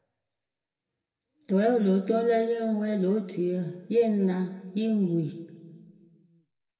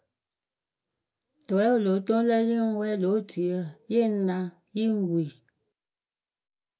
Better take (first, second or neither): second